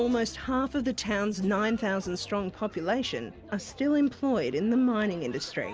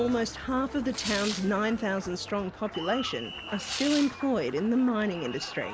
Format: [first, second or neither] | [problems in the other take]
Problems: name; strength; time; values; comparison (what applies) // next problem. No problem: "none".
first | background sound (Tearing + Applause); 11 dB below the speech